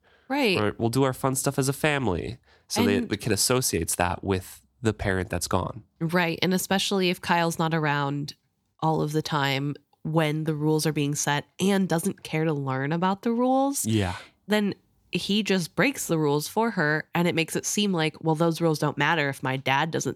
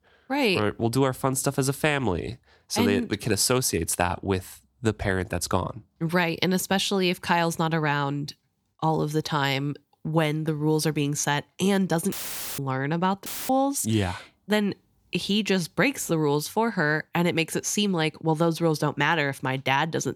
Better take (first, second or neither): first